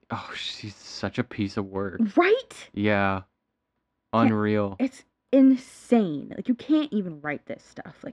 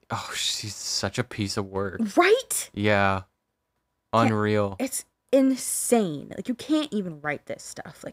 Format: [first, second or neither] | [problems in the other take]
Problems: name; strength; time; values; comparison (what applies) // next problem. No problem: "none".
second | muffled; slightly; fading above 3 kHz